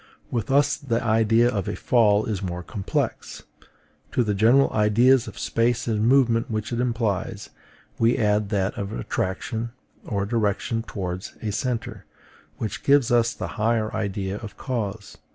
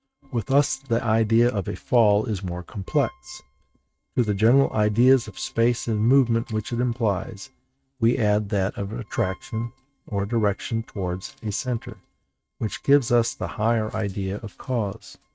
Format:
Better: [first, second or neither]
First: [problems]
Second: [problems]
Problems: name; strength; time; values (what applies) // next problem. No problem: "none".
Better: first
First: none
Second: noise reduction (neural mask model RNNoise)